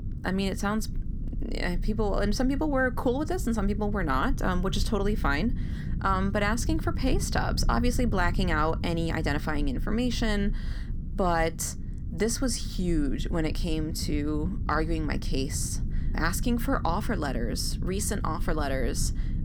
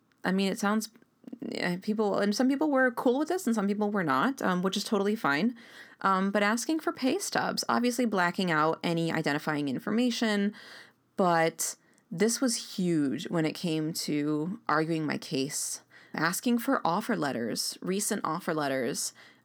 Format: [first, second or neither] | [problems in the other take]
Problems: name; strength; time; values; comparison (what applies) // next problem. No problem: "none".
second | low rumble; noticeable; throughout; 15 dB below the speech